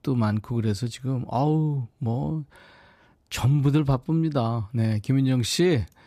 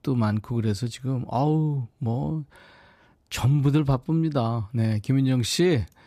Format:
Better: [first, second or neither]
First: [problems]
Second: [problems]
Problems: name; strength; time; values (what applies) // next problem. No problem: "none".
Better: neither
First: none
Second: none